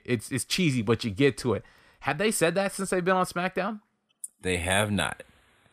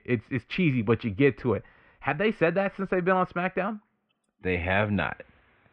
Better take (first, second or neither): first